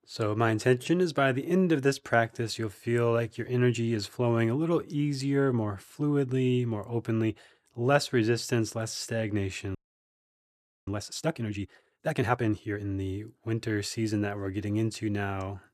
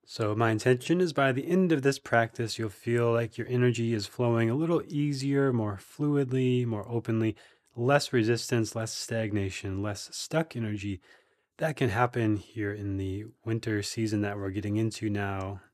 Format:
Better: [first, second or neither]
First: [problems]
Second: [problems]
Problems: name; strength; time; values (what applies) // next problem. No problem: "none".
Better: second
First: audio freezing; at 10 s for 1 s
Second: none